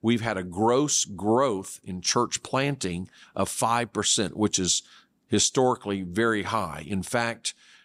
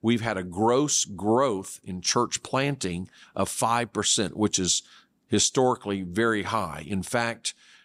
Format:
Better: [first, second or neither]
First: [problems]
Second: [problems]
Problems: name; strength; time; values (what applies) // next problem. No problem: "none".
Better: neither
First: none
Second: none